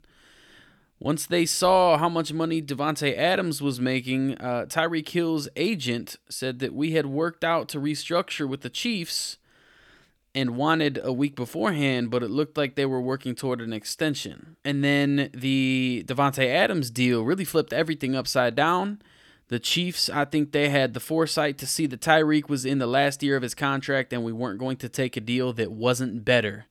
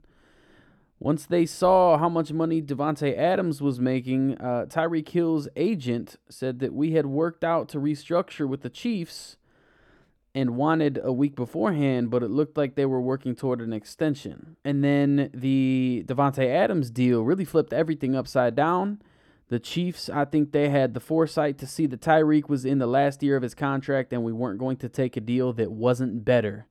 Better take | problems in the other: first | muffled; slightly; fading above 1.5 kHz

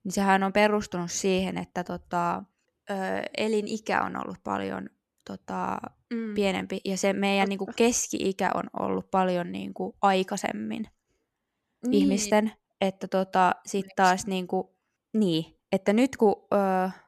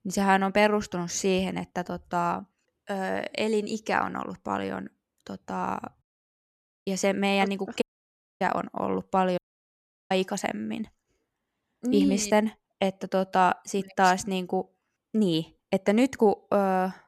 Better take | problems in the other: first | audio cutting out; at 6 s for 1 s, at 8 s for 0.5 s and at 9.5 s for 0.5 s

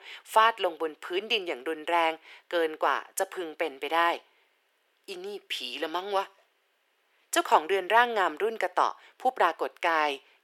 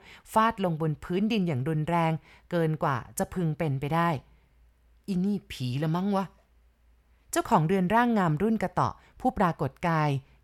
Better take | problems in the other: second | thin; very; fading below 350 Hz

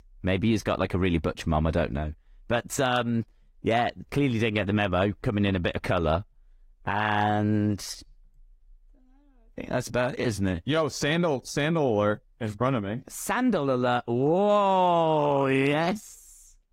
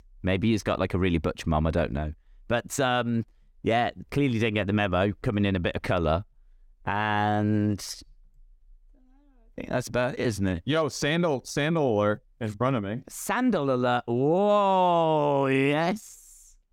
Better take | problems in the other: second | garbled, watery; slightly; nothing above 15 kHz

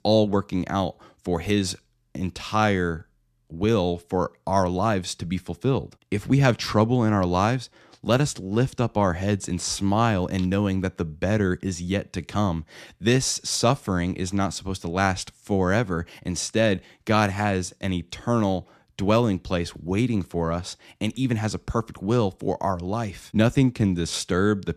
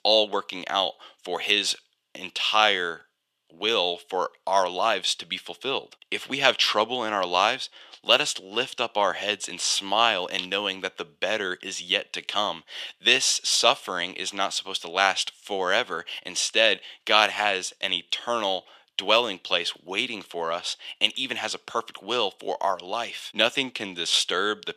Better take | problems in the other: first | thin; very; fading below 650 Hz

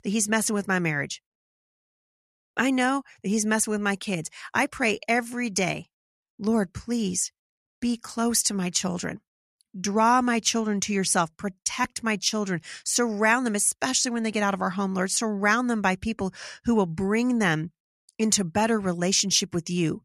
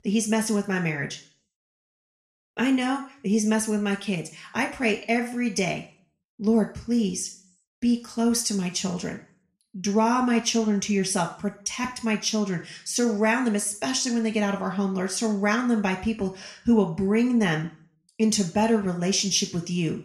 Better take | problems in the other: first | room echo; very slight; dies away in 0.4 s

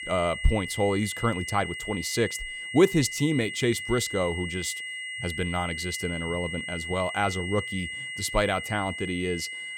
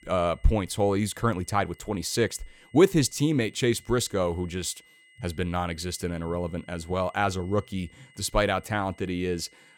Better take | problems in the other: second | high-pitched whine; loud; throughout; 2 kHz, 6 dB below the speech; faint in the second

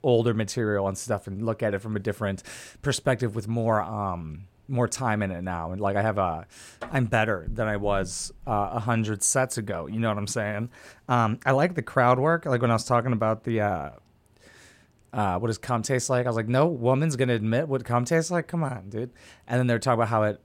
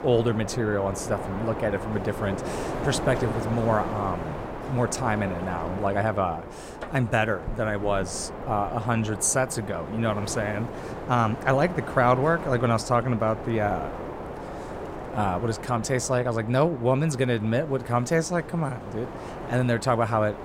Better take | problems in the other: first | wind noise on the microphone; heavy; 9 dB below the speech

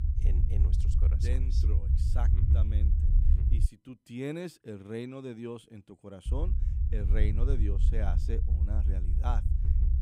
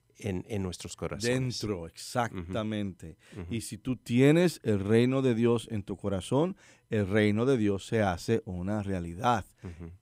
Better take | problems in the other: second | low rumble; loud; until 3.5 s and from 6.5 s on; 4 dB below the speech

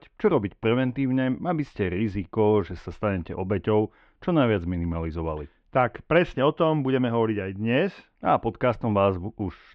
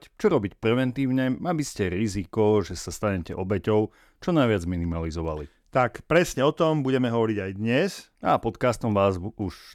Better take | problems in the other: second | muffled; very; fading above 3 kHz

